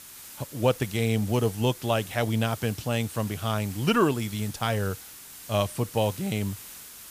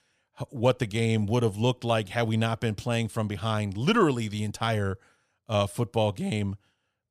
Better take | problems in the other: second | hiss; noticeable; throughout; 15 dB below the speech

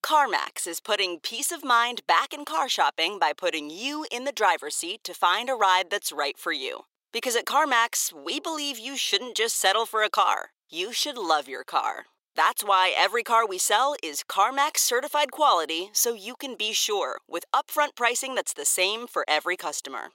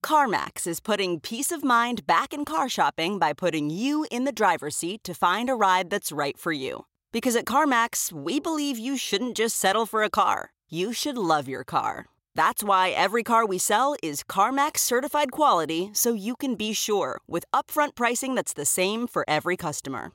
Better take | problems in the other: second | thin; somewhat; fading below 400 Hz

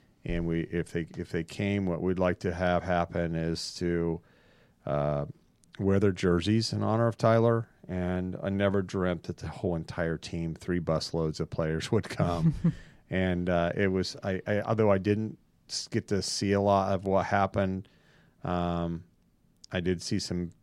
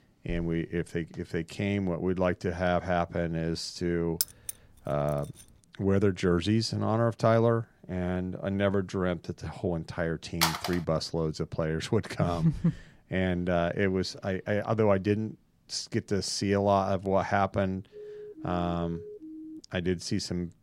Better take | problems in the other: first | jangling keys; noticeable; at 4 s; peak 2 dB below the speech // phone ringing; loud; at 10 s; peak 2 dB above the speech // siren; faint; from 18 to 20 s; peak 15 dB below the speech

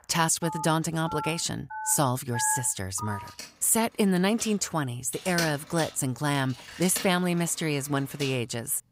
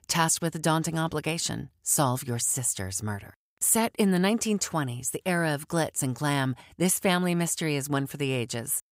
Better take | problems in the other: second | alarms or sirens; noticeable; throughout; 10 dB below the speech

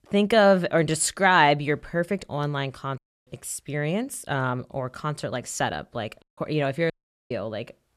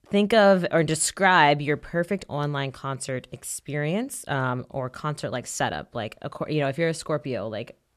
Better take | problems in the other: second | audio cutting out; at 3 s, at 6 s and at 7 s

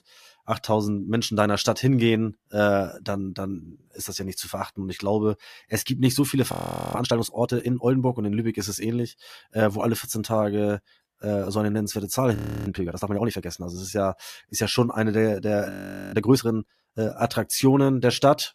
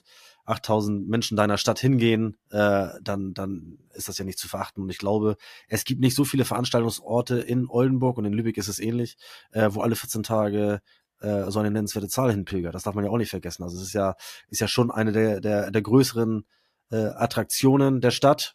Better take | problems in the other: second | audio freezing; at 6.5 s, at 12 s and at 16 s

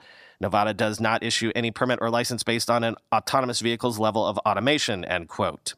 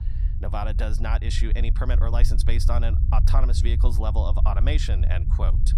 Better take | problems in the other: first | low rumble; loud; throughout; 9 dB below the speech

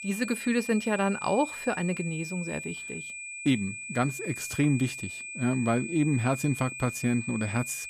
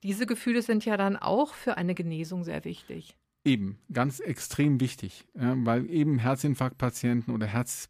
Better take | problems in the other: second | high-pitched whine; loud; throughout; 2.5 kHz, 8 dB below the speech

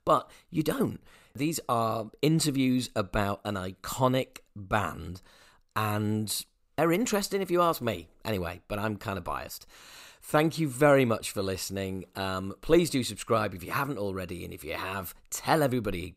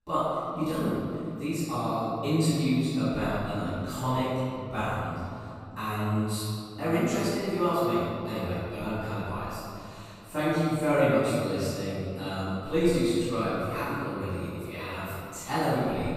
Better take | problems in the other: first | off-mic speech; far // room echo; strong; dies away in 2.8 s

